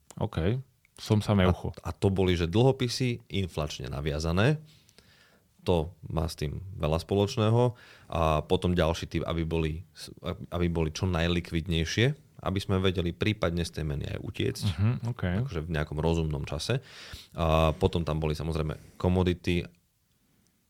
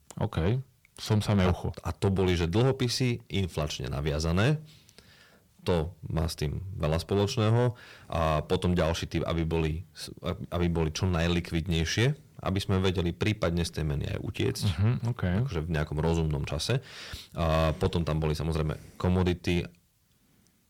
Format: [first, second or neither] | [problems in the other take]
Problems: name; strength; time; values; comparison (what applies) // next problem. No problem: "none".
first | distortion; slight; 10 dB below the speech